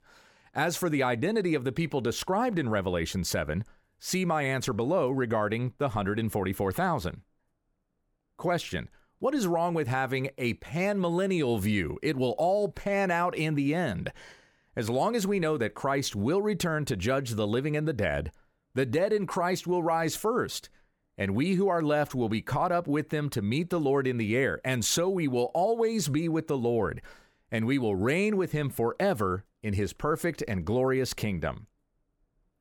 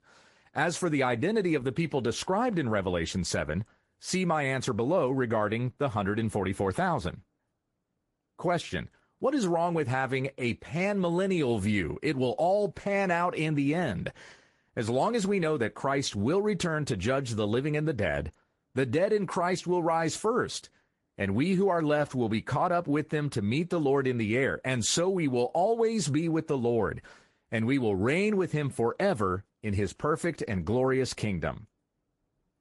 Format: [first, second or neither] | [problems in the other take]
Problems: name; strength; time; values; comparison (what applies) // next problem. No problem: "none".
first | garbled, watery; slightly; nothing above 11 kHz